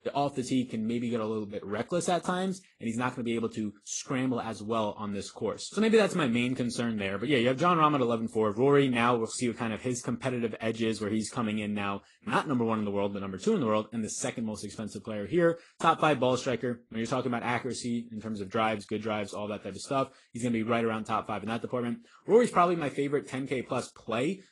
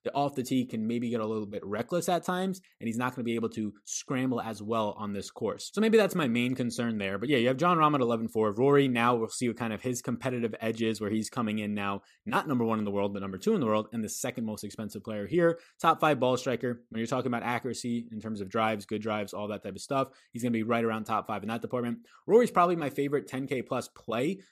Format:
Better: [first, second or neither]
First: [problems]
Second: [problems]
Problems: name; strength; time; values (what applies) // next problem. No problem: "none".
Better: second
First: garbled, watery; slightly; nothing above 10 kHz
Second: none